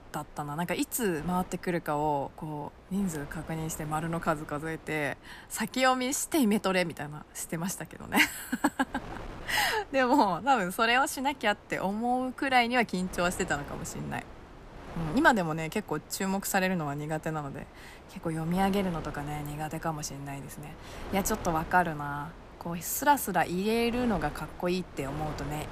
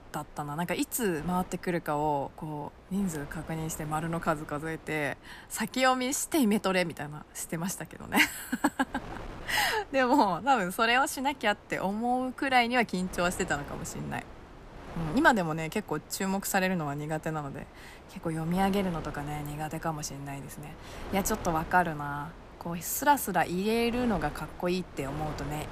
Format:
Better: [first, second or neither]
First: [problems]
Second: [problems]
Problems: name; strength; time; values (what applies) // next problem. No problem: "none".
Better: neither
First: wind noise on the microphone; occasional gusts; 20 dB below the speech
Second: wind noise on the microphone; occasional gusts; 20 dB below the speech